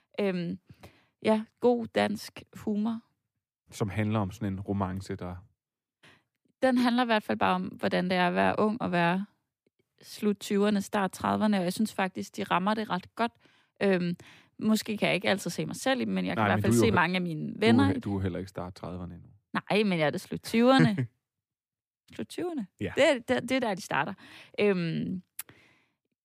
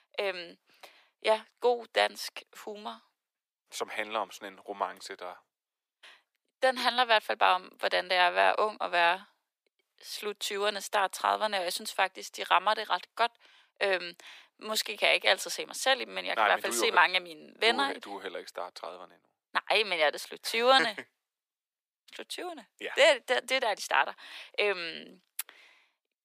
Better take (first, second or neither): first